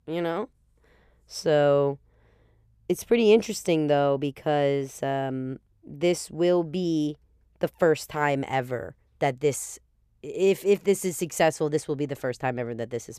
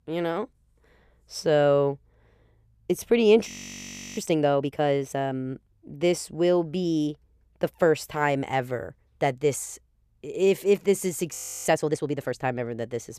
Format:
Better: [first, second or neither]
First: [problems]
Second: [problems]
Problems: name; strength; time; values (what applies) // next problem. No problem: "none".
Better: first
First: none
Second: audio freezing; at 3.5 s for 0.5 s and at 11 s